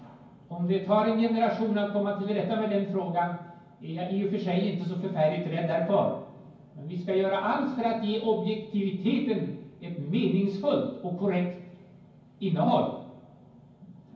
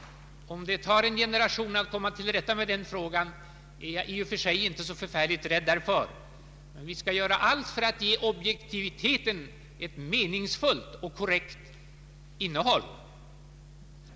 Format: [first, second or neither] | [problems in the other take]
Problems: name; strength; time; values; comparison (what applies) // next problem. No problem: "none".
second | room echo; dies away in 0.9 s